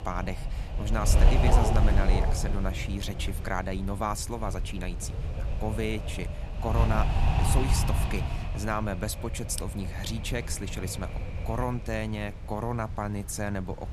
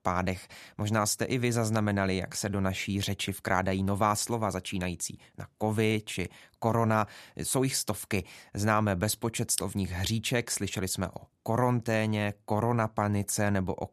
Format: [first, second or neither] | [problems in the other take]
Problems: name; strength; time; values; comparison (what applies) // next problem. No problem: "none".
second | wind noise on the microphone; heavy; 3 dB below the speech